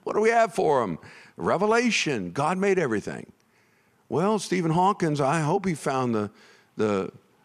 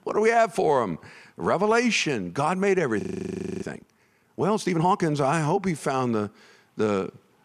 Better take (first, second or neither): first